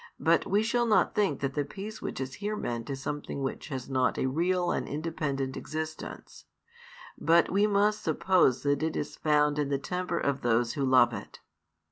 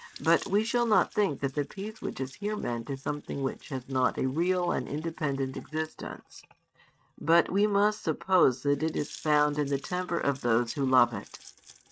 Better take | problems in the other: first | noise reduction (neural mask model RNNoise)

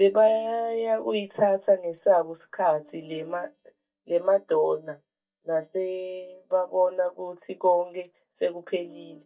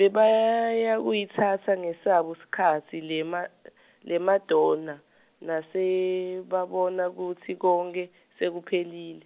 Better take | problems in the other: second | noise reduction (neural mask model DeepFilterNet 3)

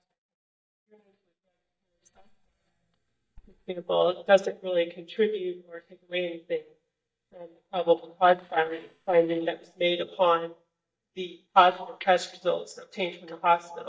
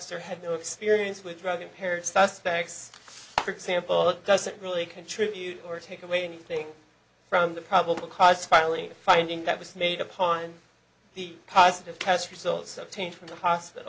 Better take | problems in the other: second | noise reduction (neural mask model DeepFilterNet 3)

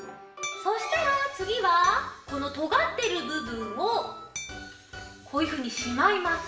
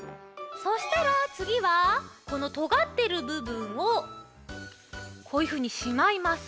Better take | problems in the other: second | background sound (Hammer); 18 dB below the speech // room echo; dies away in 0.7 s

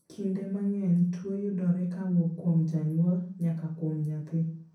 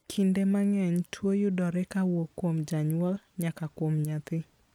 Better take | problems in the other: second | room echo; dies away in 0.6 s

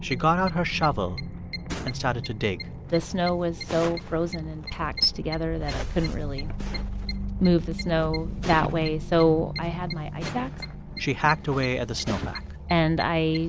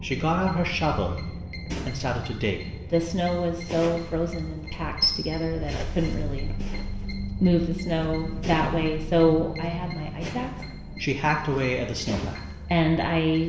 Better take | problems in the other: first | room echo; dies away in 1.2 s

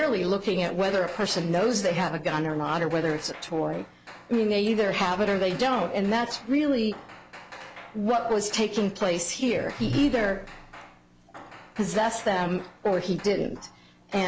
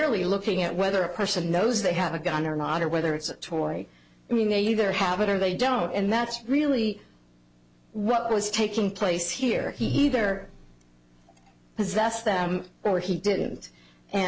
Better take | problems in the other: second | background sound (Hammer); 20 dB below the speech

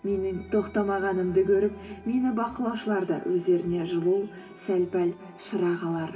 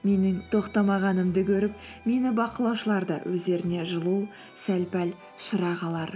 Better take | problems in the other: second | room echo; dies away in 2.5 s

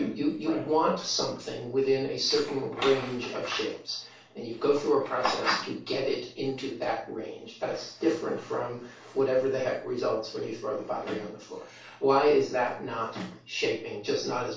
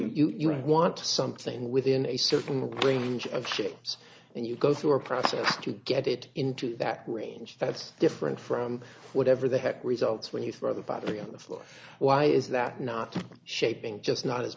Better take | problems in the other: second | room echo; dies away in 0.3 s

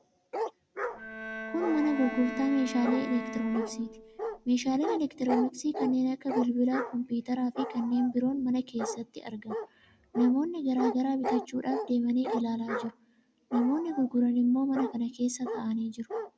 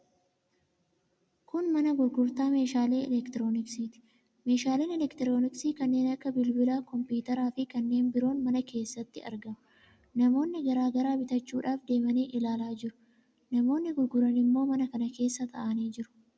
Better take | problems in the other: second | background sound (Bowed string instrument + Bark); 8 dB below the speech

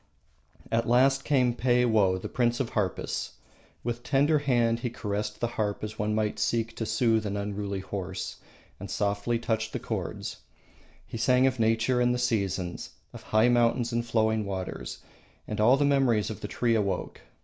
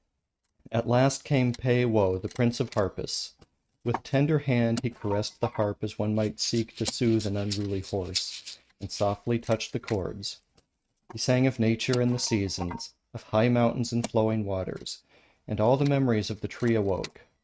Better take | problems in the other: first | noise reduction (neural mask model RNNoise)

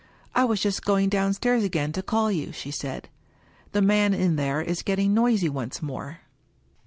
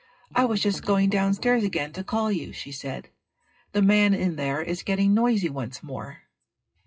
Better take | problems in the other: first | noise reduction (classical method WPE with log-MMSE)

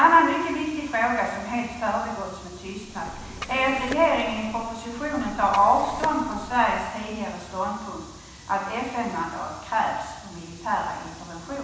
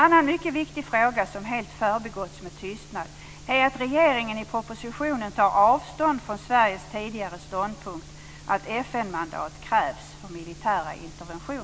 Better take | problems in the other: second | background sound (Liquid); 13 dB below the speech // room echo; dies away in 1.1 s

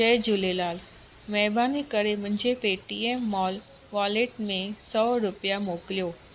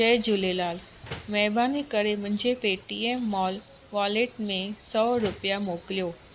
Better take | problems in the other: first | background sound (Slam); 17 dB below the speech

